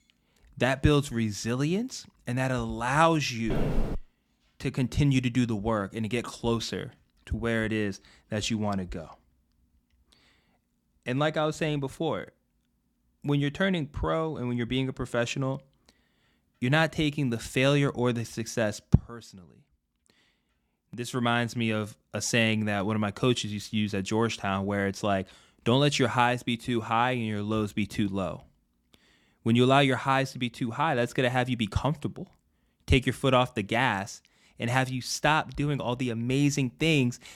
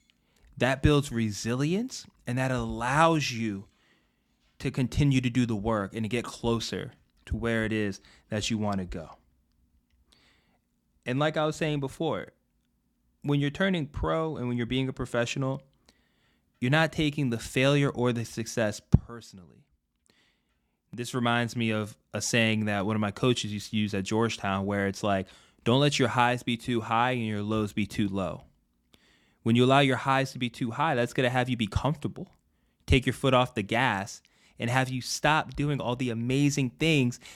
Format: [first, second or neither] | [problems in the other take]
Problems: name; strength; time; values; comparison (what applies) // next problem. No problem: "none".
second | footsteps; noticeable; at 3.5 s; peak 3 dB below the speech